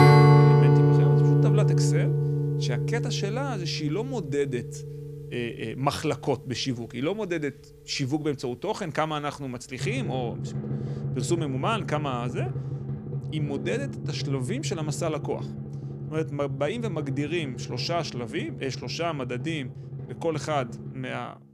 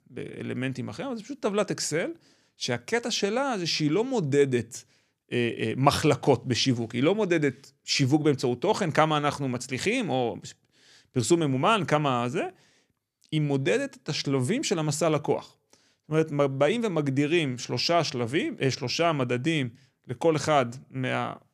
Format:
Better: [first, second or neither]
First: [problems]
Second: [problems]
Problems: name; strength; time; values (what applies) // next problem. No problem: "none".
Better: second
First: background music; very loud; throughout; 5 dB above the speech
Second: none